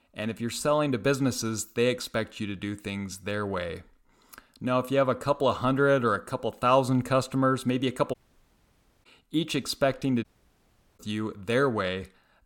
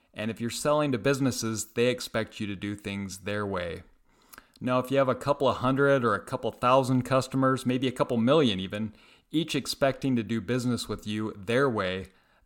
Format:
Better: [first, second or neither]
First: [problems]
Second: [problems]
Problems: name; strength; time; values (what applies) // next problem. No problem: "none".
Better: second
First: audio cutting out; at 8 s for 1 s and at 10 s for 1 s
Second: none